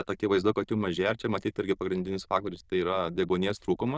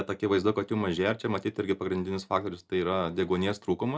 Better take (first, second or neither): second